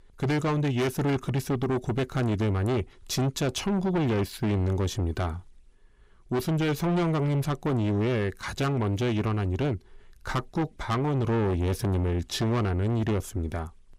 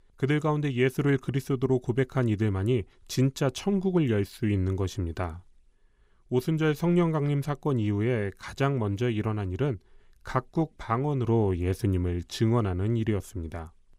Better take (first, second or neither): second